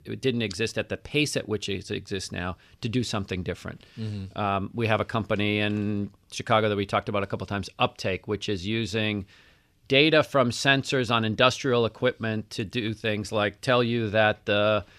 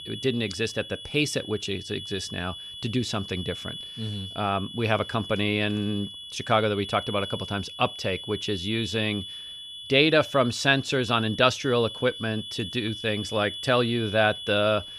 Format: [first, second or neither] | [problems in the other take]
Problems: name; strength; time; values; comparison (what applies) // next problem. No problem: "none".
first | high-pitched whine; loud; throughout; 3.5 kHz, 10 dB below the speech